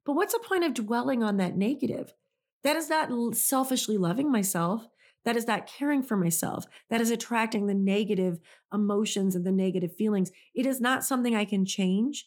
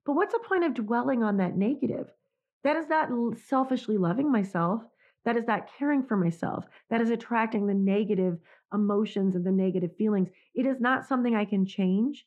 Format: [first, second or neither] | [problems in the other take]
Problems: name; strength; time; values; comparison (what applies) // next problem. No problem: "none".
first | muffled; very; fading above 1.5 kHz